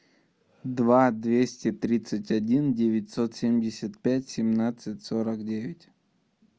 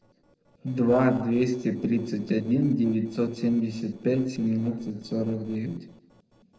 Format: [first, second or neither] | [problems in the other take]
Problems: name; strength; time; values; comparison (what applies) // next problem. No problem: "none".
first | noise reduction (neural separator model SepFormer DNS4)